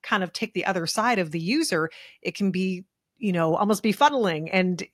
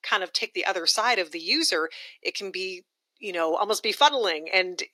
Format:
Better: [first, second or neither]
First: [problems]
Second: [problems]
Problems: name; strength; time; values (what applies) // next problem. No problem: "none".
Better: first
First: none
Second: thin; very; fading below 350 Hz